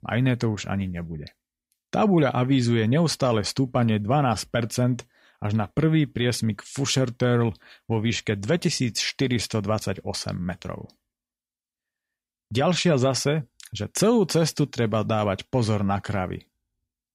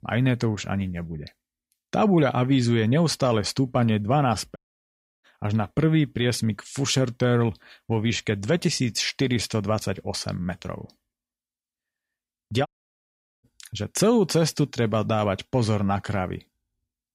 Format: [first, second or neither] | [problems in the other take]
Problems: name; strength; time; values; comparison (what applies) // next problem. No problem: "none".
first | audio cutting out; at 4.5 s for 0.5 s and at 13 s for 1 s